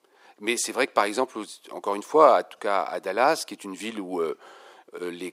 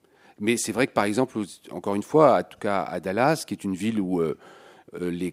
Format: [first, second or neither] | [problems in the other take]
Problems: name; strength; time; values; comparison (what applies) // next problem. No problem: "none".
second | thin; somewhat; fading below 450 Hz